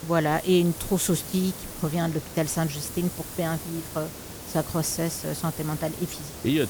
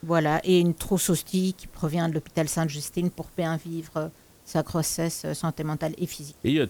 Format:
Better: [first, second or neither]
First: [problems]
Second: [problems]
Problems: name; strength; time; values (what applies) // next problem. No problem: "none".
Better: second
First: hiss; loud; throughout; 9 dB below the speech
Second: hiss; faint; throughout; 25 dB below the speech